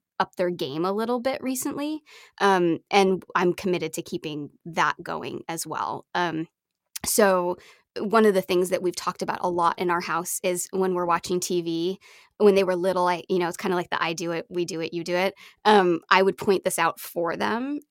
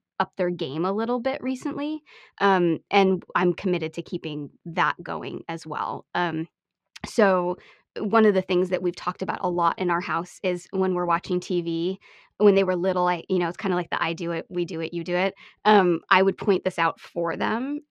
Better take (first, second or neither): first